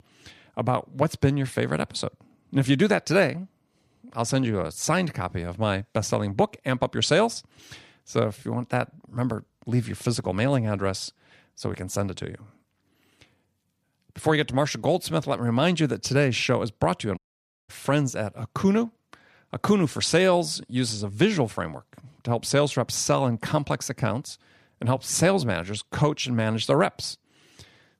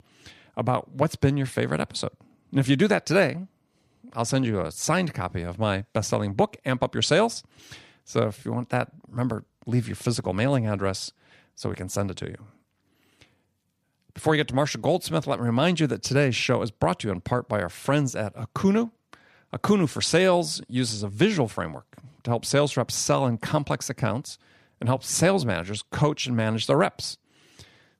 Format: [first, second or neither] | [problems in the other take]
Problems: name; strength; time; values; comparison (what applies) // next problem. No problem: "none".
second | audio cutting out; at 17 s for 0.5 s